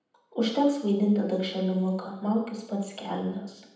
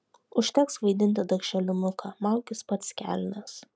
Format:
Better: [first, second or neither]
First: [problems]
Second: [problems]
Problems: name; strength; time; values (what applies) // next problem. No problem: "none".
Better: second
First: room echo; dies away in 0.8 s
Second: none